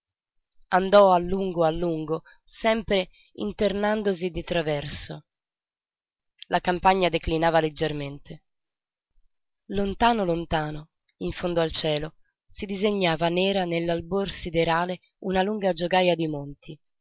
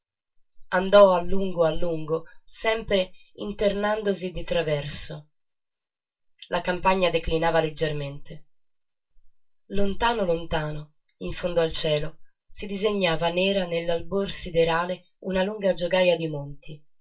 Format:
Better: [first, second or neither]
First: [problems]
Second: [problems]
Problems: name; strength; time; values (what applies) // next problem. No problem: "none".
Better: first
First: none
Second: room echo; dies away in 0.2 s